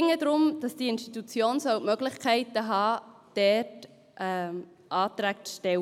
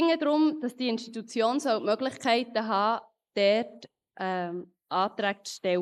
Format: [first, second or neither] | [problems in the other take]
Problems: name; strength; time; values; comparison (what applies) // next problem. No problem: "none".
first | noise reduction (neural mask model Resemble Enhance denoiser)